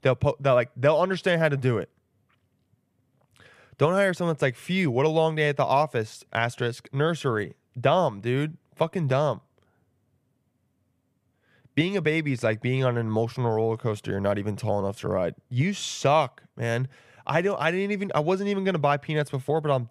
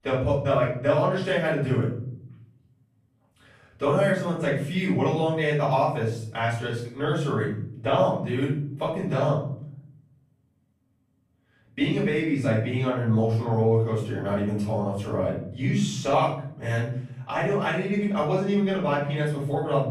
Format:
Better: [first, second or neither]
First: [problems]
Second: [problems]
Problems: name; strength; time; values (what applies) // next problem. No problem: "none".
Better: first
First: none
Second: off-mic speech; far // room echo; noticeable; dies away in 0.7 s